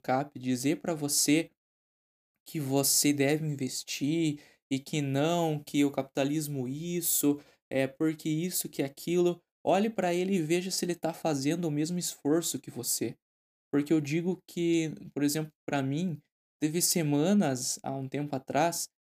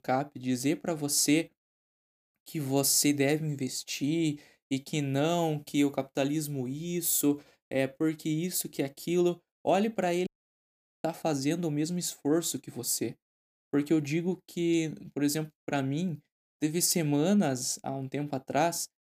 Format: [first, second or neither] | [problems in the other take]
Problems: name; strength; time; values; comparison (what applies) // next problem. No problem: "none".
first | audio cutting out; at 10 s for 1 s